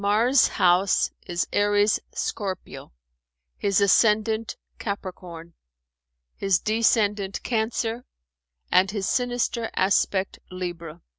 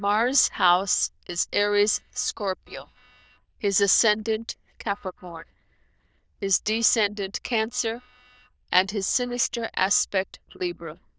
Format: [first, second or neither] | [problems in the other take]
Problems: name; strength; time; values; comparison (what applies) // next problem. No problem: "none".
first | noise reduction (neural diffusion model UNIVERSE++)